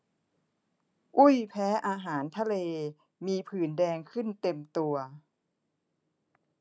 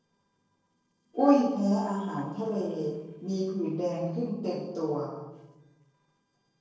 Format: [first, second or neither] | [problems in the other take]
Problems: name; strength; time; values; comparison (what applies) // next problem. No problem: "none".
first | noise reduction (neural separator model SepFormer DNS4)